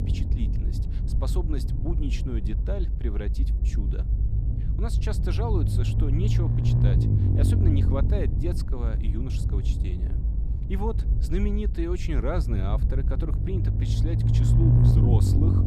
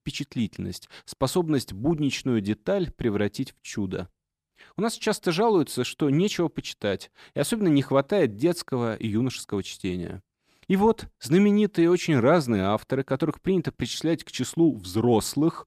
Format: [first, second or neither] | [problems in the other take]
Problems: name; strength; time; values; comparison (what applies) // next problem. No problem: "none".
second | low rumble; loud; throughout; 1 dB below the speech